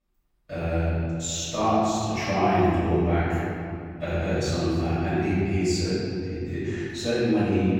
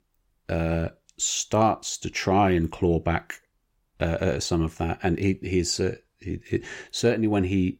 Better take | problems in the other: second | room echo; strong; dies away in 2.3 s // off-mic speech; far

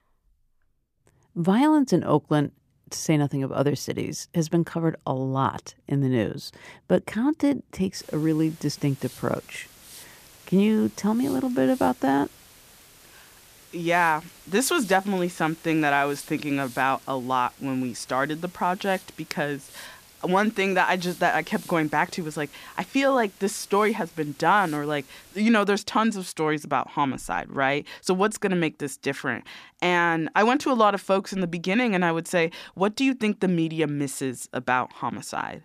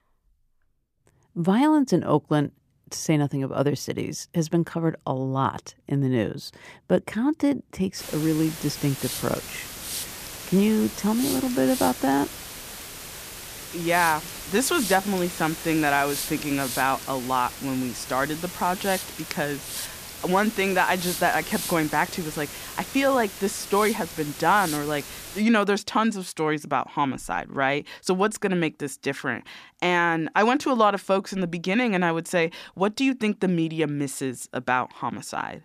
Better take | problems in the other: first | hiss; loud; from 8 to 25 s; 9 dB below the speech; faint in the first

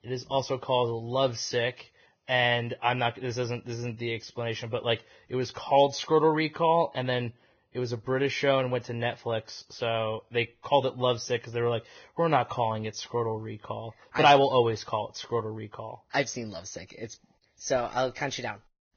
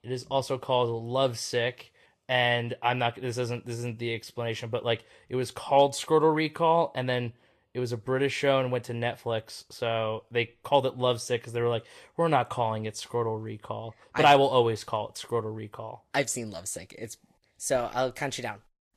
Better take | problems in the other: second | garbled, watery; badly; nothing above 6.5 kHz; slightly in the second

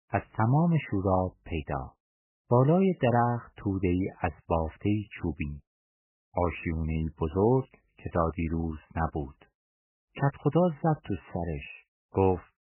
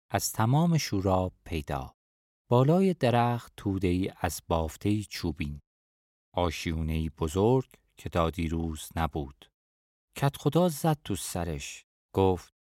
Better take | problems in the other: second | garbled, watery; badly; nothing above 3 kHz

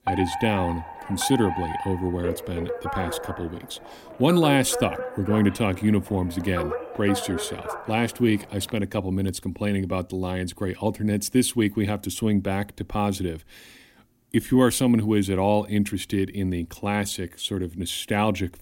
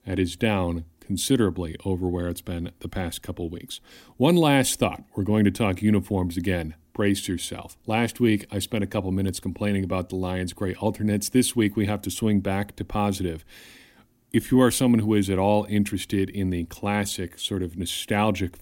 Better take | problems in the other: second | alarm; noticeable; until 8.5 s; peak 4 dB below the speech

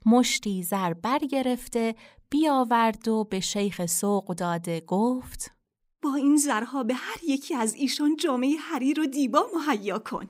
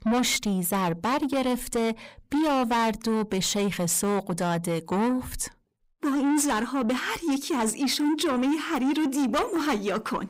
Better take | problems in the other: first | distortion; heavy; 8 dB below the speech

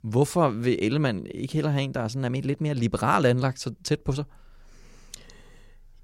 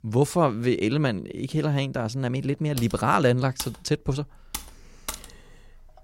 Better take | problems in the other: first | keyboard typing; faint; from 3 to 5.5 s; peak 10 dB below the speech

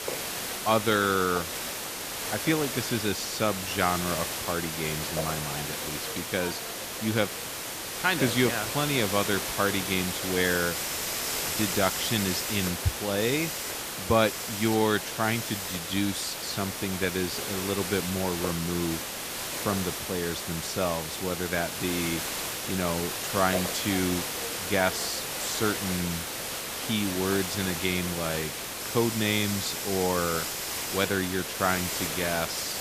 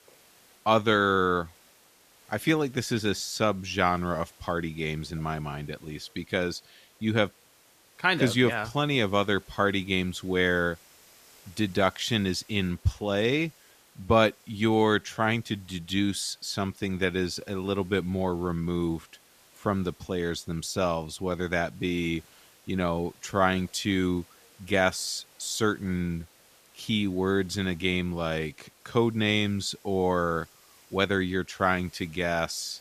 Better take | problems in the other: second | hiss; loud; throughout; 2 dB below the speech; faint in the second

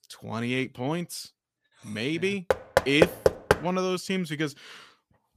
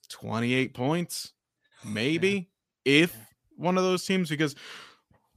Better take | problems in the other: second | door banging; loud; from 2.5 to 3.5 s; peak 6 dB above the speech

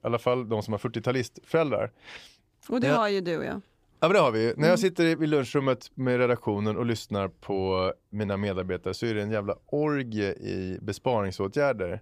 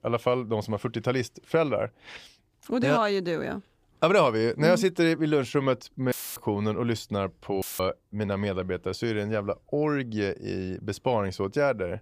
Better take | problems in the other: first | audio cutting out; filled with static; at 6 s and at 7.5 s

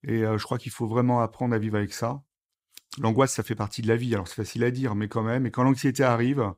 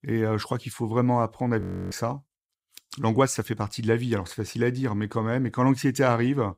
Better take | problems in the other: first | audio freezing; at 1.5 s

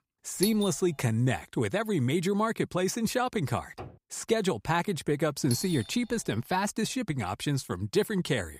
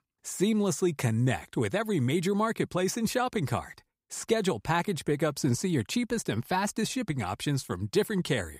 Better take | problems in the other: second | doorbell; noticeable; at 0.5 s and at 5.5 s; peak 4 dB below the speech // door banging; faint; at 4 s; peak 15 dB below the speech

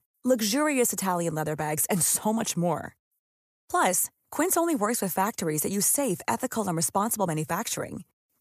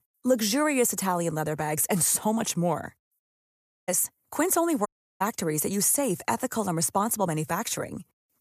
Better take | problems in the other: first | audio cutting out; at 3.5 s and at 5 s

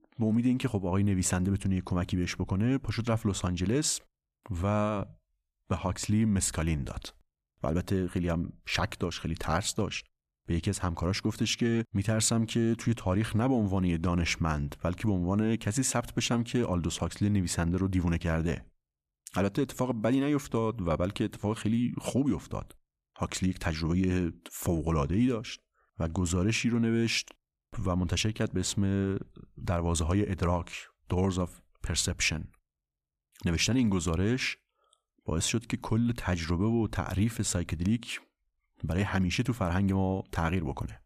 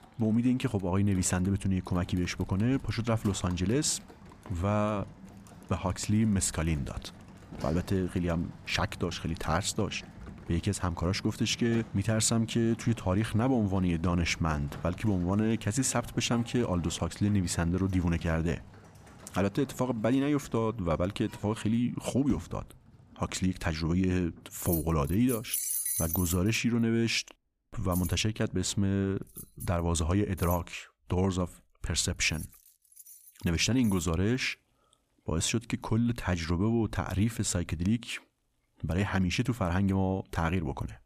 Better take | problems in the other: first | household noises; noticeable; throughout; 15 dB below the speech

